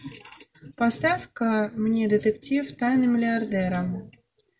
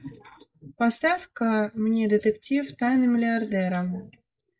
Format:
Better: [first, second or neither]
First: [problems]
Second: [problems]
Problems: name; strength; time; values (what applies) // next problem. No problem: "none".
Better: first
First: none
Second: noise reduction (neural mask model Resemble Enhance denoiser)